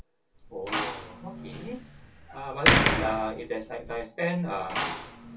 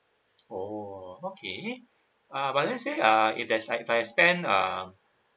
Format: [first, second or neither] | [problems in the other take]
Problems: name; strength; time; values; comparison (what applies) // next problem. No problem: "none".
second | background sound (Slam); 4 dB above the speech // room echo; dies away in 0.3 s